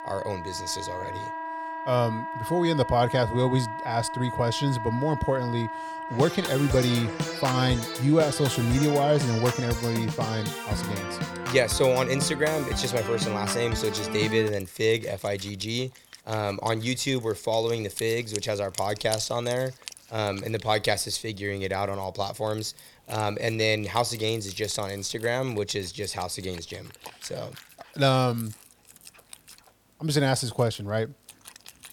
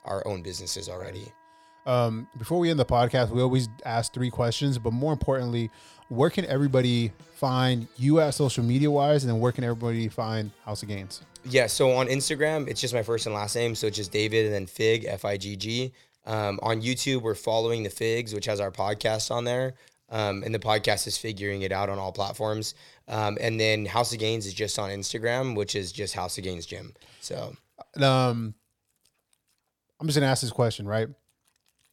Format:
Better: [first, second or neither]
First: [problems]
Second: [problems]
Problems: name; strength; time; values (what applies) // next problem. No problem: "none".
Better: second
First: background music; loud; throughout; 7 dB below the speech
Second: background music; faint; throughout; 30 dB below the speech